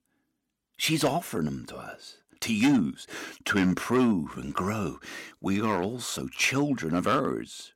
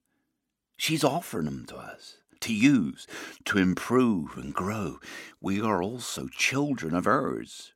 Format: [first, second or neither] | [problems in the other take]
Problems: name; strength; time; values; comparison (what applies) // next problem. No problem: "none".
second | distortion; slight; 3% of the sound clipped